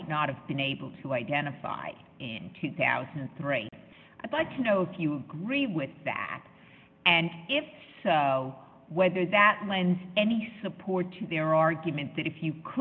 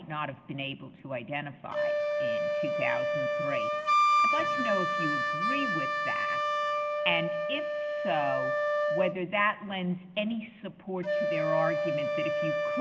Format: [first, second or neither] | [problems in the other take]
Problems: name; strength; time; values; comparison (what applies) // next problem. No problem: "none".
first | background sound (Wind instrument, woodwind instrument); 4 dB above the speech